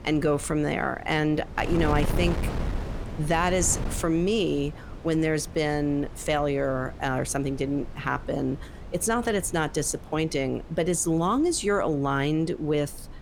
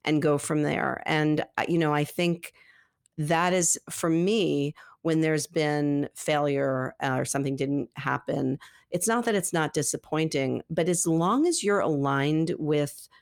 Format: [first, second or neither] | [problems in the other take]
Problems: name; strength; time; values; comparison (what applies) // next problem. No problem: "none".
second | wind noise on the microphone; occasional gusts; 15 dB below the speech